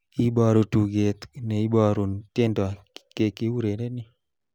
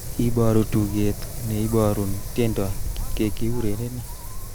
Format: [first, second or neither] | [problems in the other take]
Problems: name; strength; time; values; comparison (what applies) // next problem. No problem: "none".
first | background sound (Wind); 3 dB below the speech